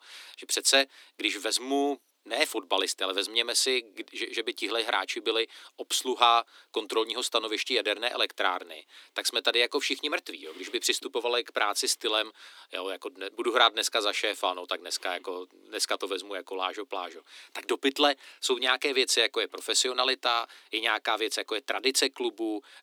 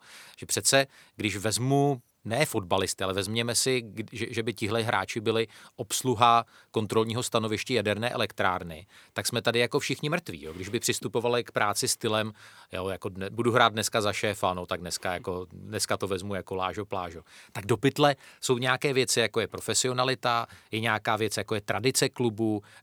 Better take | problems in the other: second | thin; somewhat; fading below 250 Hz

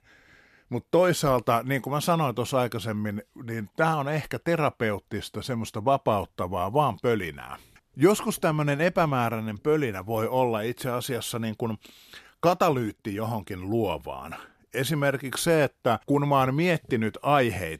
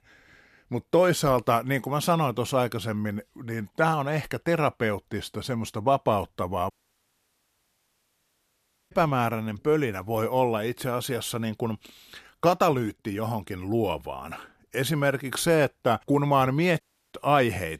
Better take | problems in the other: first | audio cutting out; at 6.5 s for 2 s and at 17 s

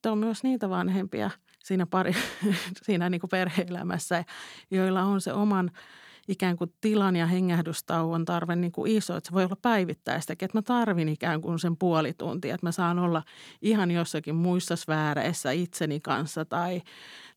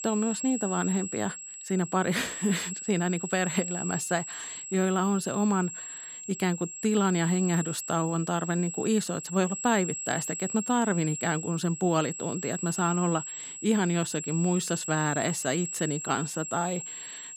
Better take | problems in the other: first | high-pitched whine; loud; throughout; 7.5 kHz, 7 dB below the speech

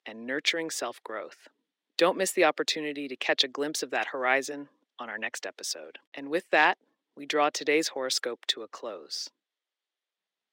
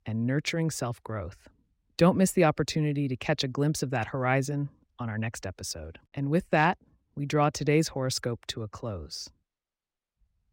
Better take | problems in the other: second | thin; very; fading below 350 Hz

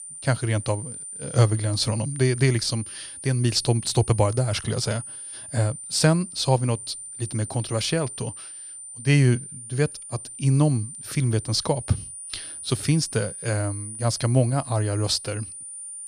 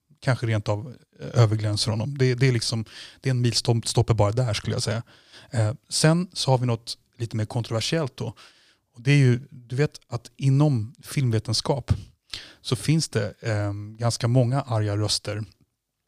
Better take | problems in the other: second | high-pitched whine; noticeable; throughout; 9 kHz, 10 dB below the speech

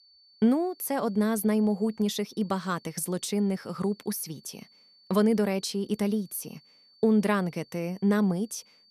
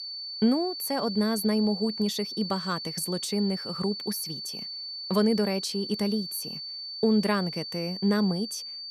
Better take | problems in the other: first | high-pitched whine; loud; throughout; 4.5 kHz, 6 dB below the speech; faint in the first

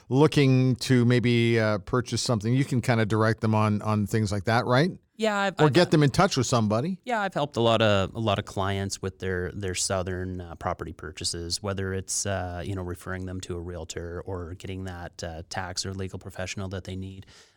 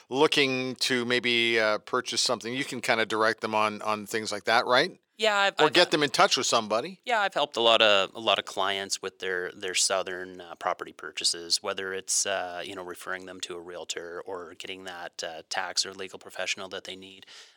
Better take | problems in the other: first | thin; somewhat; fading below 450 Hz

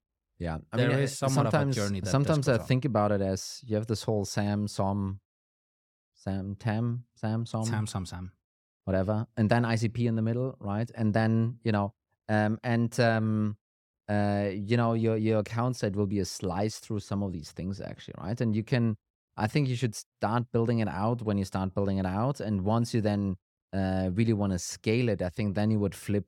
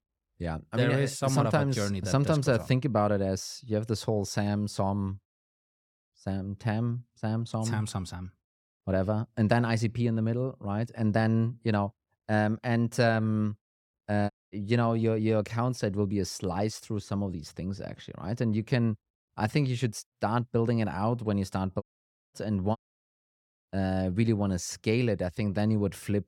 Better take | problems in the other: first | audio cutting out; at 14 s, at 22 s for 0.5 s and at 23 s for 1 s

